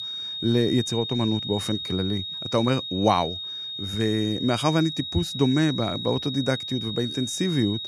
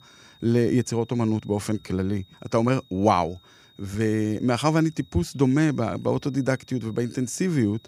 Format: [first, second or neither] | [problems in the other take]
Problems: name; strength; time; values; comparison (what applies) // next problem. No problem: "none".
second | high-pitched whine; loud; throughout; 3.5 kHz, 5 dB below the speech; faint in the second